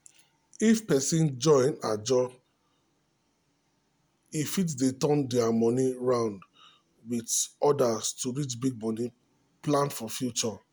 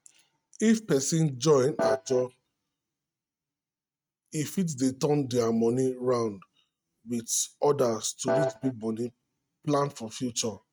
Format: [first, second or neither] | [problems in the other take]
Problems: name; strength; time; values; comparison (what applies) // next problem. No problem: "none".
first | noise reduction (neural mask model RNNoise)